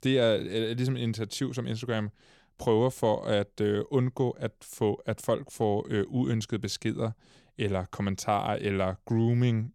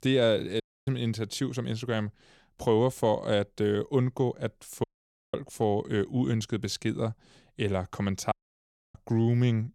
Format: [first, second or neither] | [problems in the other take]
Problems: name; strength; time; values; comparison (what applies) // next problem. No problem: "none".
first | audio cutting out; at 0.5 s, at 5 s and at 8.5 s for 0.5 s